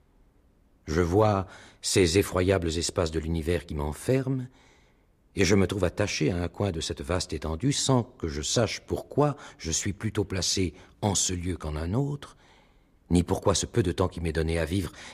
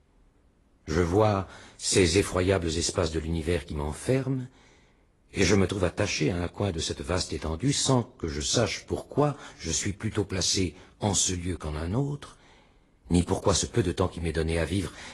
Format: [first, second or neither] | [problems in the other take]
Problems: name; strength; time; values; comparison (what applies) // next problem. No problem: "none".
first | garbled, watery; slightly